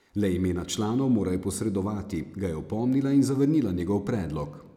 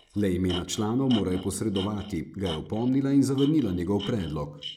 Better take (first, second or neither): first